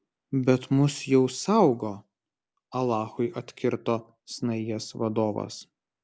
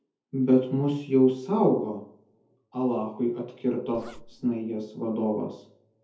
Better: first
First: none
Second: background sound (Zipper (clothing)); 19 dB below the speech // room echo; dies away in 0.5 s

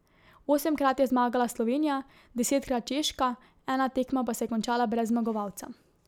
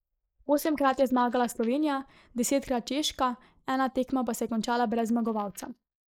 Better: first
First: none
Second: noise reduction (neural mask model Resemble Enhance denoiser)

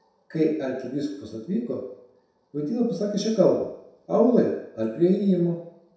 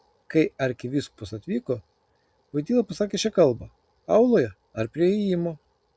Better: second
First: room echo; dies away in 0.7 s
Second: none

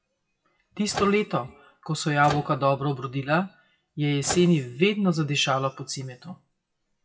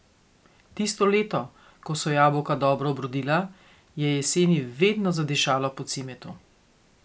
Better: second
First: noise reduction (classical method WPE with log-MMSE)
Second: none

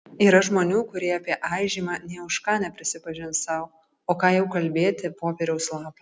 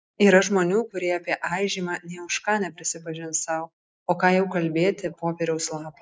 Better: first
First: none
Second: noise reduction (neural mask model Resemble Enhance denoiser)

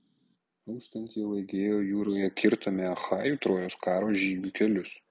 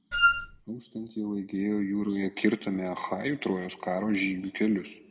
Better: first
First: none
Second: background sound (Wind instrument, woodwind instrument); 4 dB above the speech // room echo; dies away in 0.7 s

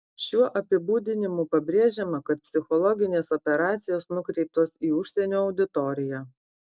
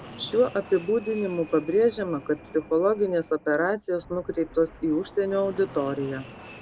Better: first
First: none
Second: background sound (Fixed-wing aircraft, airplane); 19 dB below the speech

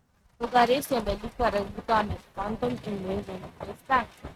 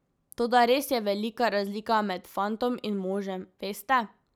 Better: second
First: noise reduction (neural mask model RNNoise)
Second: none

